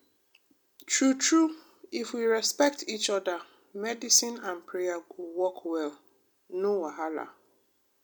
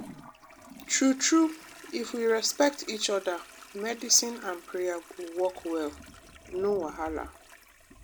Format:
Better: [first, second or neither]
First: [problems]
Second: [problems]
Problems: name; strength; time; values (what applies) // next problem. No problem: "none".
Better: first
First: none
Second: background sound (Toilet flush); 19 dB below the speech